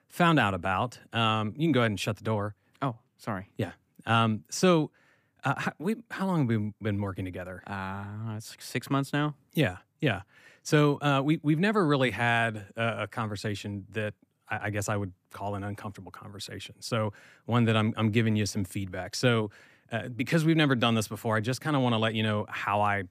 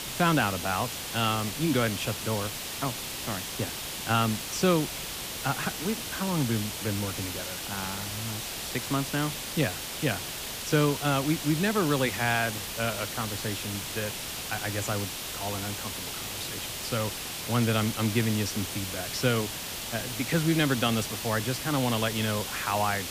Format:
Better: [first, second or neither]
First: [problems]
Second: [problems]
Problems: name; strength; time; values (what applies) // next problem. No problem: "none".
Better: first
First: none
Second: hiss; loud; throughout; 4 dB below the speech